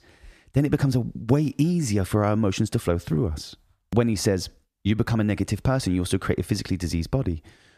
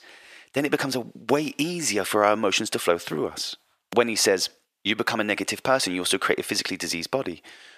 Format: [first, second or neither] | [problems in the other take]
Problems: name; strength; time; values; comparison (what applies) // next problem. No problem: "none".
first | thin; very; fading below 500 Hz